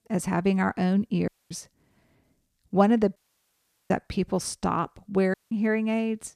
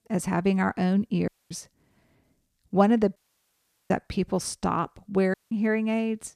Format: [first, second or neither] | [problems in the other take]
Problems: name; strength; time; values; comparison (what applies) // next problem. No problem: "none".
neither | audio cutting out; at 1.5 s, at 3 s for 0.5 s and at 5.5 s; the same in both